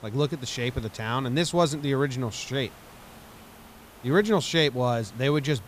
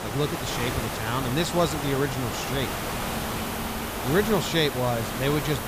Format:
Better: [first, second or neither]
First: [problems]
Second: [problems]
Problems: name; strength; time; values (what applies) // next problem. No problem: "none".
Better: first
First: hiss; faint; throughout; 20 dB below the speech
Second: hiss; loud; throughout; 3 dB below the speech